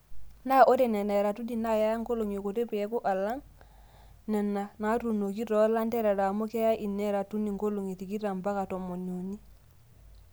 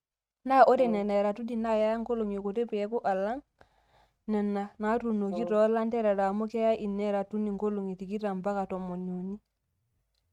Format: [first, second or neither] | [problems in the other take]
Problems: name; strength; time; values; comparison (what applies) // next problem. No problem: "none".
first | noise reduction (neural mask model RNNoise)